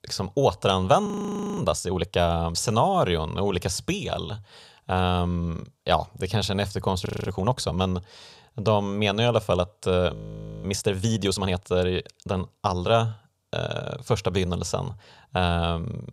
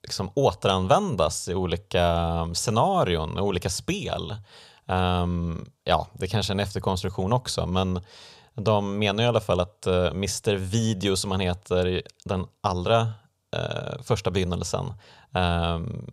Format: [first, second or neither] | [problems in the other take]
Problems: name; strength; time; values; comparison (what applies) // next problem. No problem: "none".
second | audio freezing; at 1 s for 0.5 s, at 7 s and at 10 s for 0.5 s